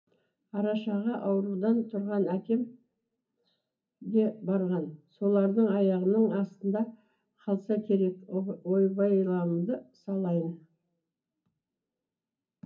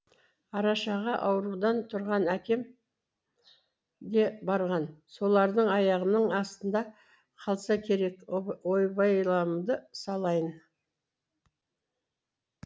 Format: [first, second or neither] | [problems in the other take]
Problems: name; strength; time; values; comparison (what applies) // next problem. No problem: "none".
second | room echo; dies away in 0.4 s